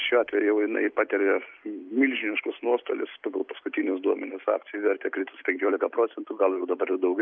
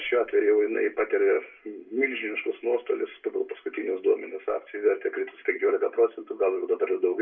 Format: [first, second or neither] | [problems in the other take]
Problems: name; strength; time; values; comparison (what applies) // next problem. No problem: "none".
first | room echo; dies away in 0.2 s